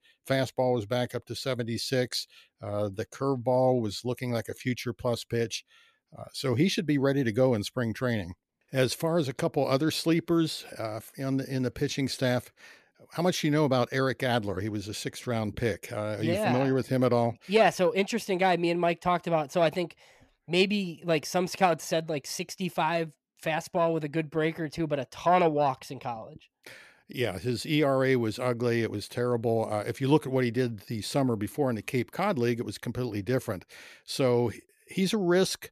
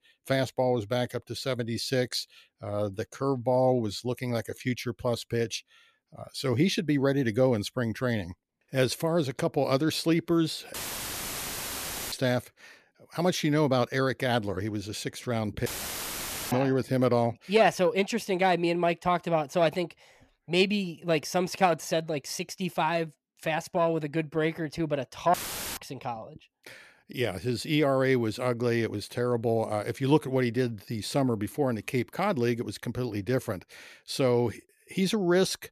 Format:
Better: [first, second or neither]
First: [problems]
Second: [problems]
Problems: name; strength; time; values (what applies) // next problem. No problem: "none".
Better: first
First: none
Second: audio cutting out; filled with static; at 11 s for 1.5 s, at 16 s for 1 s and at 25 s